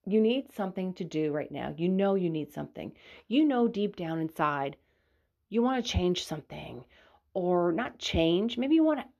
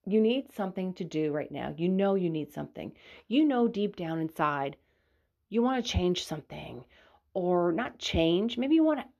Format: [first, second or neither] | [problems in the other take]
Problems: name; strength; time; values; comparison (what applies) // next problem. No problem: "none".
neither | none